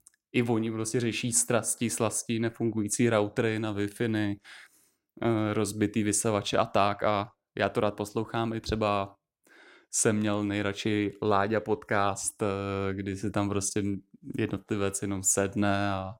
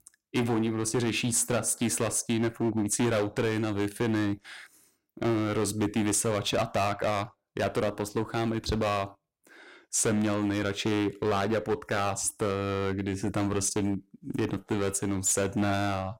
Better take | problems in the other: first | distortion; heavy; 12% of the sound clipped

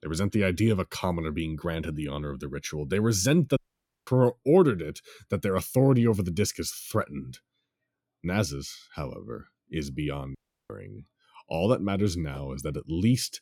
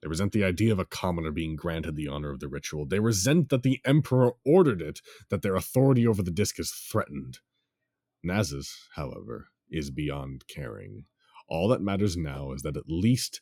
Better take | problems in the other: second | audio cutting out; at 3.5 s for 0.5 s and at 10 s

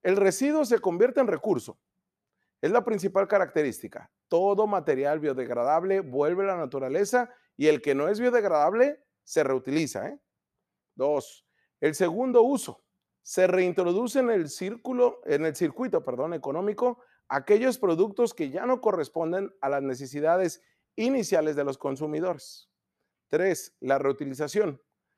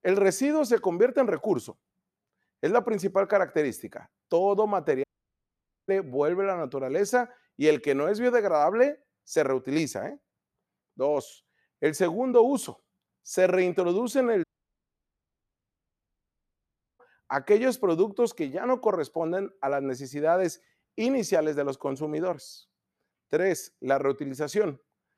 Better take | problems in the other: first | audio cutting out; at 5 s for 1 s and at 14 s for 2.5 s

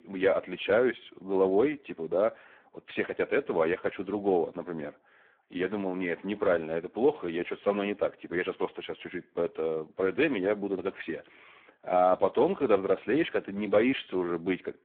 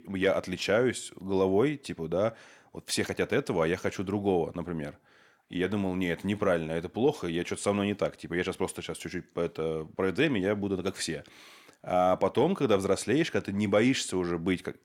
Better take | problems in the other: second | phone-call audio; poor line

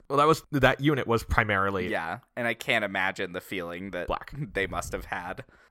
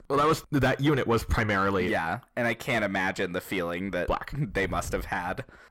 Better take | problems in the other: first | distortion; heavy; 6 dB below the speech

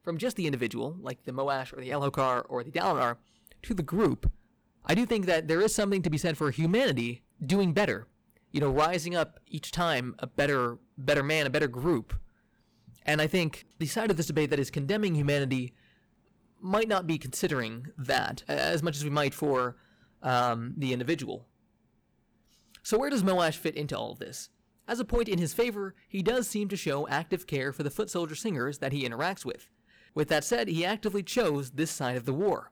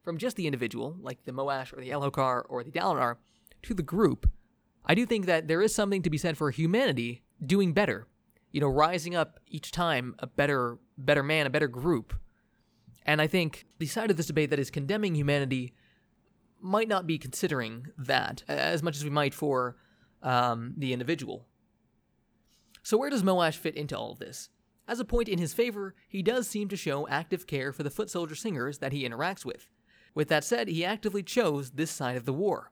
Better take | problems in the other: second | distortion; slight; 3% of the sound clipped

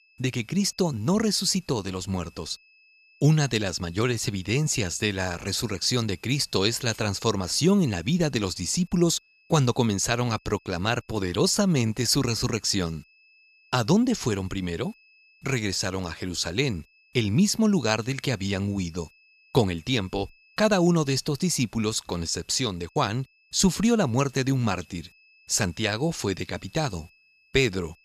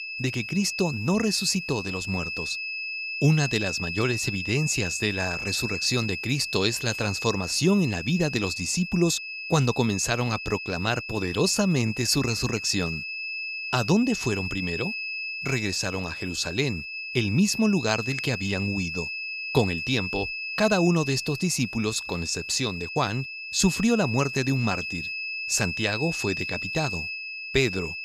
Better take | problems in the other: first | high-pitched whine; loud; throughout; 2.5 kHz, 5 dB below the speech; faint in the first

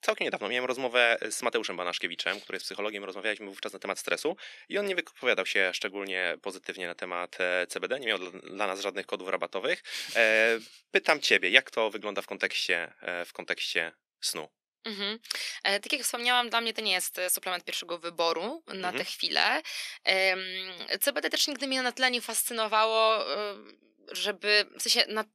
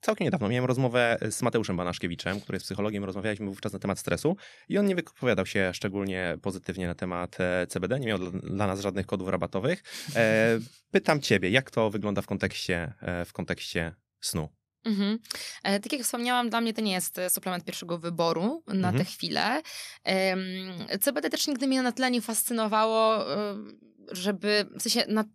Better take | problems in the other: second | thin; somewhat; fading below 350 Hz

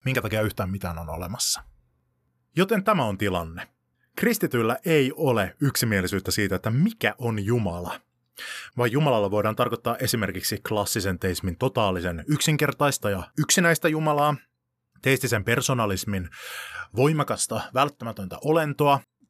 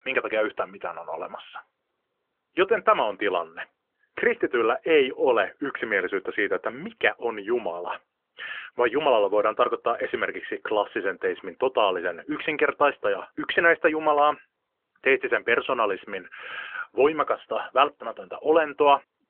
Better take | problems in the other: first | phone-call audio; nothing above 3 kHz

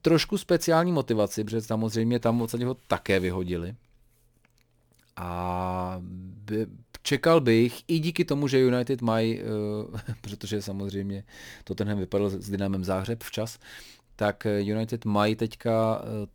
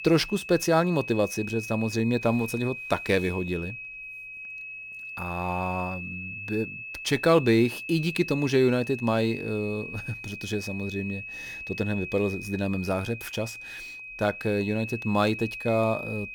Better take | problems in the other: first | high-pitched whine; loud; throughout; 2.5 kHz, 9 dB below the speech

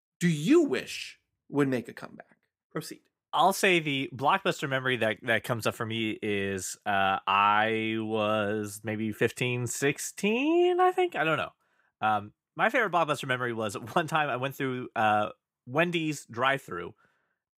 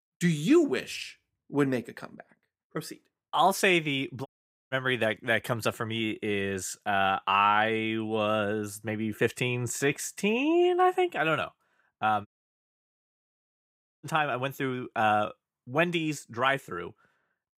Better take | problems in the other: first | audio cutting out; at 4.5 s and at 12 s for 2 s

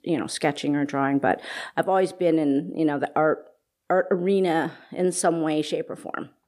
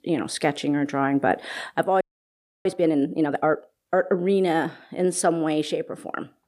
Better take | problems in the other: first | audio freezing; at 2 s for 0.5 s

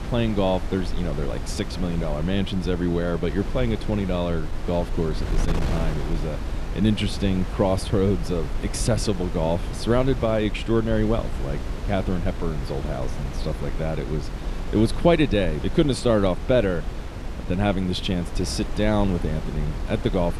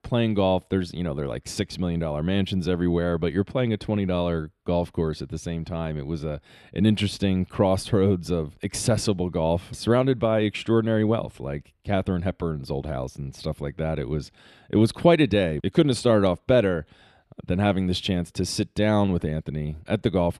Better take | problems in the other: second | wind noise on the microphone; occasional gusts; 10 dB below the speech

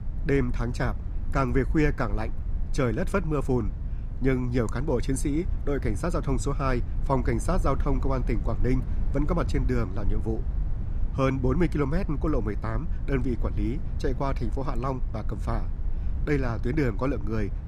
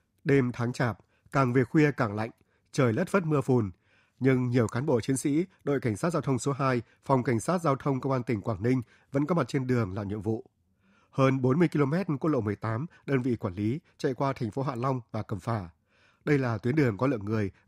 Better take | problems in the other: second | low rumble; noticeable; throughout; 15 dB below the speech

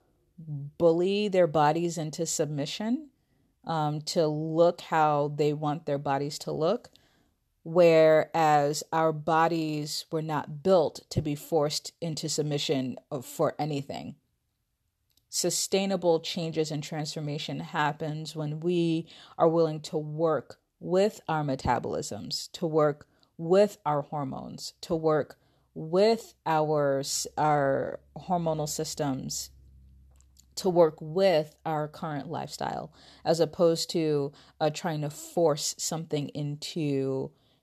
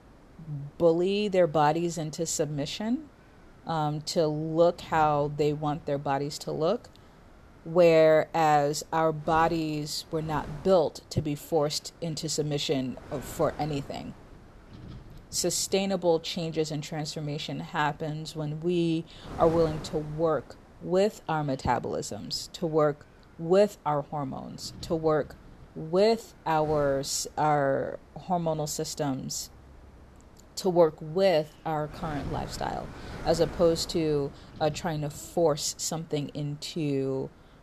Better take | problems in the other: first | wind noise on the microphone; occasional gusts; 25 dB below the speech

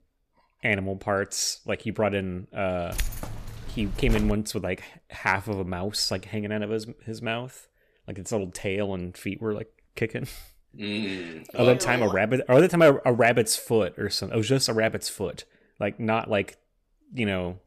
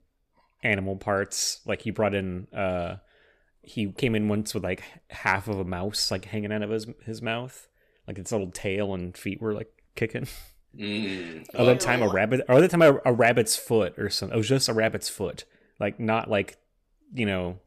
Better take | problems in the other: second | jangling keys; noticeable; from 3 to 4.5 s; peak 6 dB below the speech

